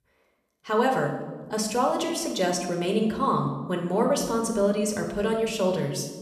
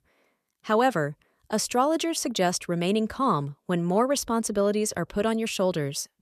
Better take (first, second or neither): second